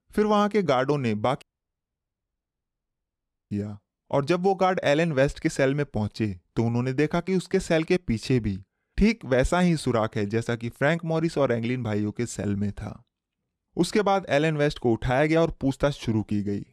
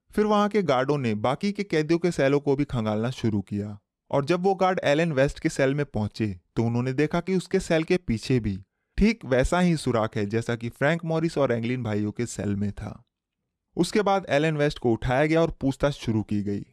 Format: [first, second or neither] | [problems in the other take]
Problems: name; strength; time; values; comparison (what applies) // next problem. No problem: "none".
second | audio cutting out; at 1.5 s for 2 s